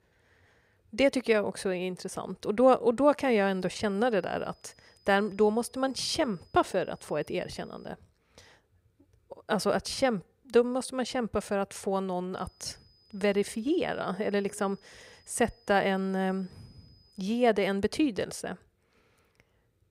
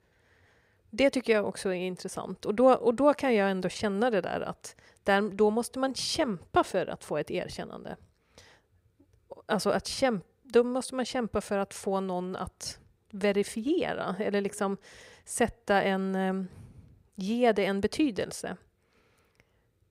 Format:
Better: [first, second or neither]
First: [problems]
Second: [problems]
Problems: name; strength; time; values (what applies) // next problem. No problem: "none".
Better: second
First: high-pitched whine; faint; from 3.5 to 8 s and from 12 to 17 s; 5 kHz, 35 dB below the speech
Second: none